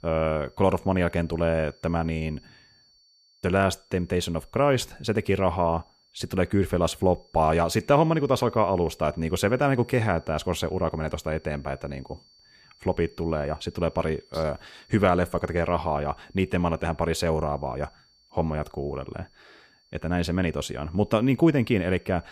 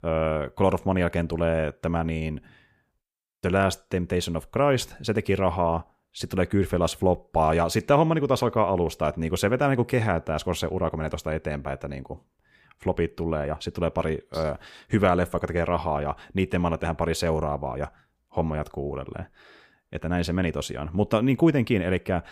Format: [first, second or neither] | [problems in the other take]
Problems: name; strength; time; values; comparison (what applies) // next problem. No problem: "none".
second | high-pitched whine; faint; throughout; 4.5 kHz, 30 dB below the speech